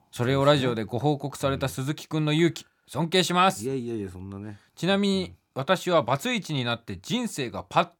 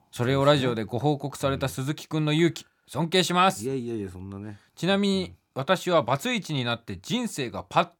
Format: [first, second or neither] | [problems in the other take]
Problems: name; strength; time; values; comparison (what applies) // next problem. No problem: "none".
neither | none